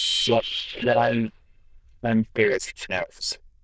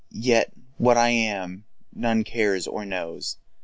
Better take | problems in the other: second | noise reduction (neural diffusion model UNIVERSE++)

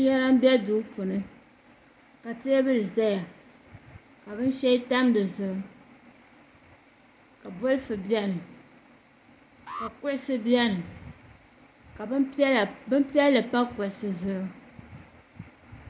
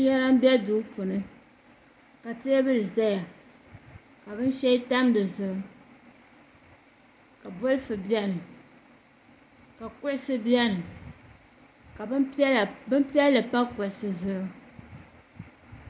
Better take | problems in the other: second | background sound (Alarm); 16 dB below the speech

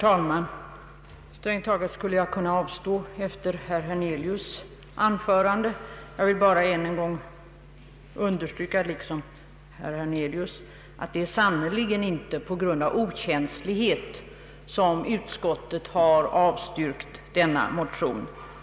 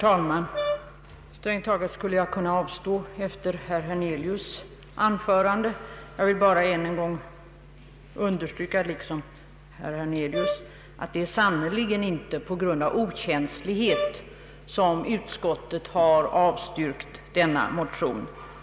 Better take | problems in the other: first | background sound (Brass instrument); 7 dB below the speech

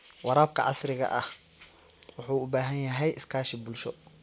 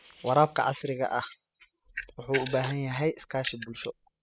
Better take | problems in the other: first | noise reduction (classical method spectral subtraction)

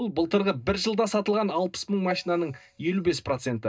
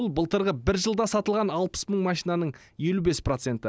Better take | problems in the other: second | noise reduction (neural mask model DeepFilterNet 3)

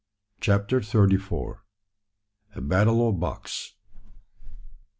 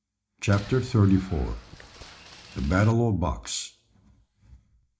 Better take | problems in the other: first | background sound (Boat, Water vehicle); 19 dB below the speech // room echo; dies away in 0.4 s

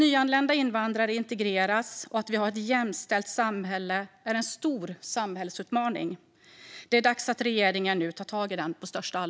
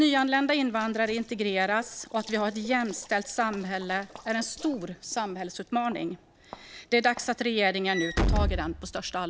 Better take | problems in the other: first | background sound (Walk, footsteps / Slam); 8 dB below the speech

